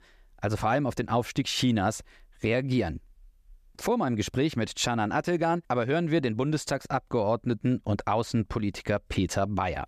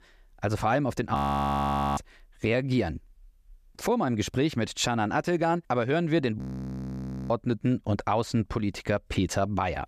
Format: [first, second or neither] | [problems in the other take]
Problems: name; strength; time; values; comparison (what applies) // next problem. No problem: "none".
first | audio freezing; at 1 s for 1 s and at 6.5 s for 1 s